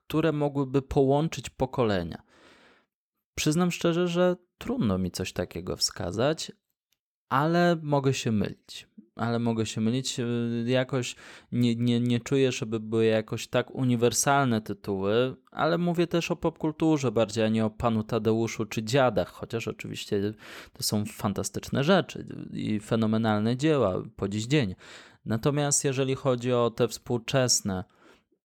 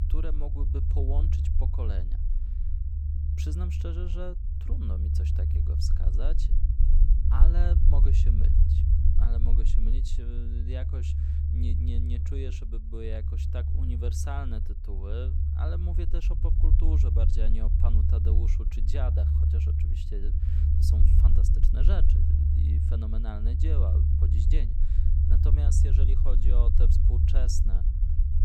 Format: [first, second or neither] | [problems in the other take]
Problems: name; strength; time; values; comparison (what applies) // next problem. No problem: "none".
first | low rumble; loud; throughout; 1 dB below the speech